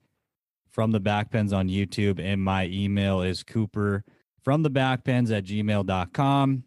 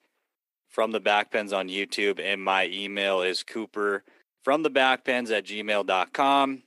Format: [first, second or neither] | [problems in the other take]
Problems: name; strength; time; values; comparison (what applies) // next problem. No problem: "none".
first | thin; very; fading below 350 Hz